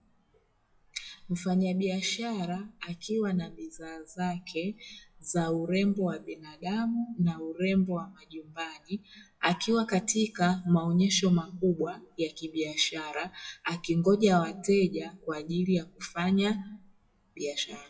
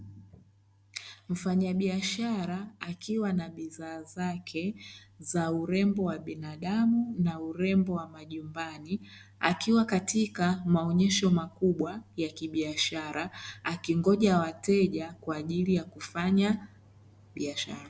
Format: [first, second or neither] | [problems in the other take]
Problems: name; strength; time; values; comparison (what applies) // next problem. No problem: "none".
second | noise reduction (classical method WPE with log-MMSE)